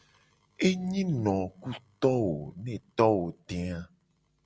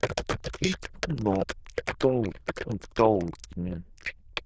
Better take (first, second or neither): first